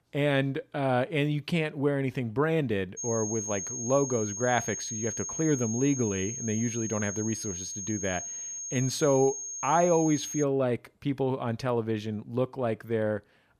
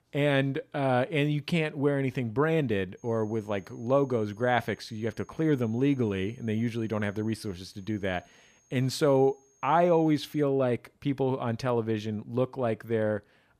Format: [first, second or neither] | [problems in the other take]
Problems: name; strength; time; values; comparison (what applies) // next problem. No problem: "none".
second | high-pitched whine; loud; from 3 to 10 s; 6.5 kHz, 5 dB below the speech; faint in the second